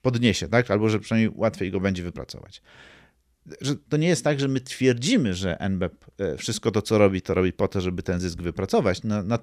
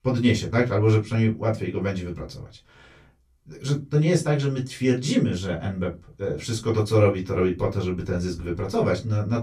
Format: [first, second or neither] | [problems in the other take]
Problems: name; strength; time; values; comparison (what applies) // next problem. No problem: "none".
first | off-mic speech; far // room echo; very slight; dies away in 0.2 s